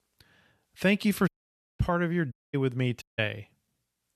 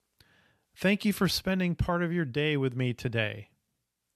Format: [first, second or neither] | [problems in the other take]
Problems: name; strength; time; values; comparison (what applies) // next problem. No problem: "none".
second | audio cutting out; at 1.5 s for 0.5 s, at 2.5 s and at 3 s